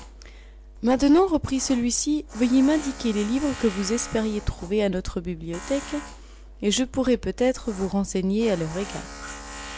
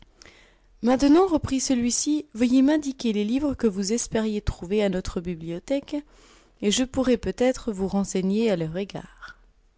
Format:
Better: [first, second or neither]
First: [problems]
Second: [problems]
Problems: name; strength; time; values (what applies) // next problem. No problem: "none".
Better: second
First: background sound (Tools); 15 dB below the speech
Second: none